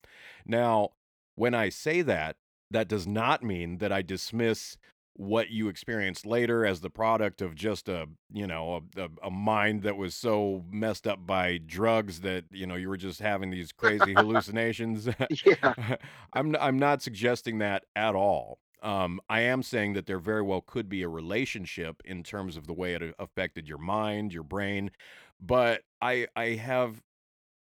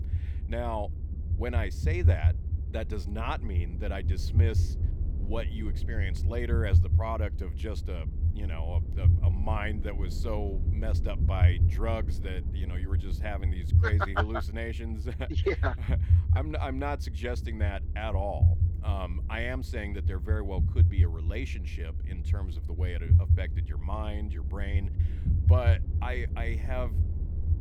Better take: first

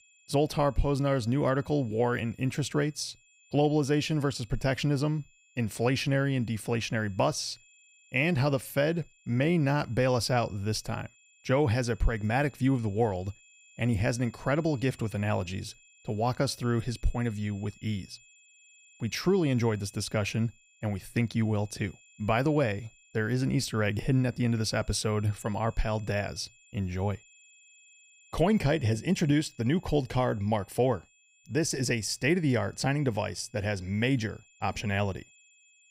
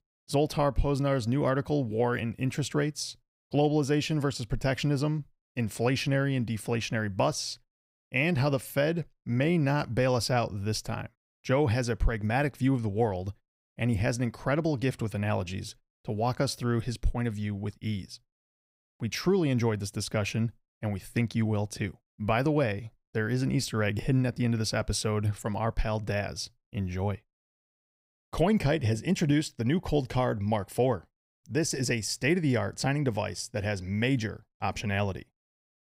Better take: second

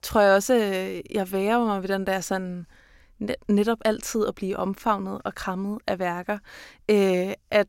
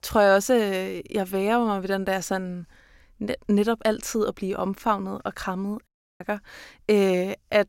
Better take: first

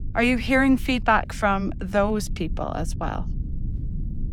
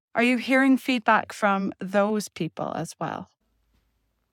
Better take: second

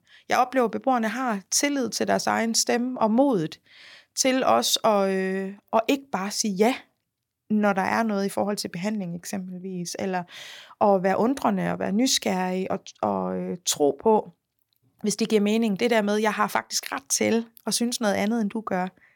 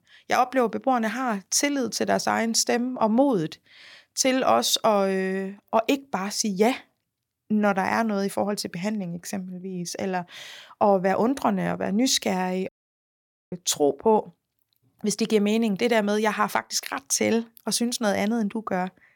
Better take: first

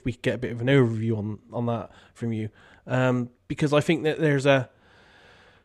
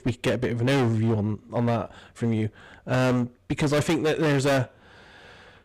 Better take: first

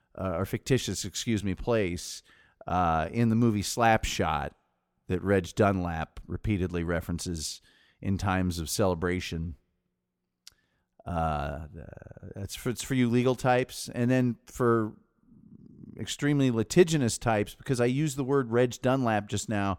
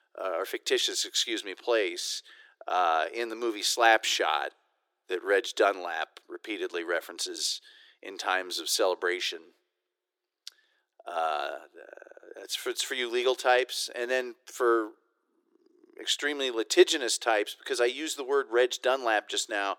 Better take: first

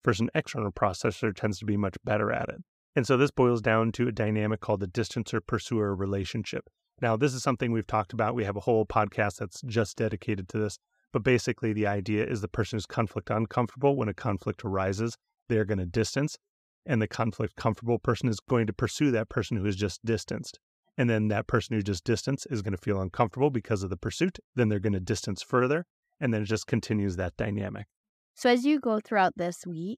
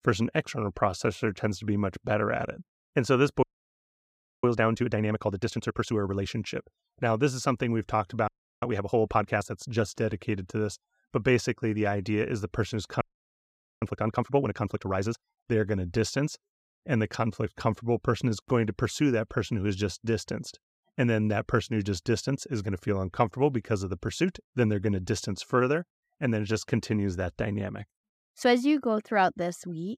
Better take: first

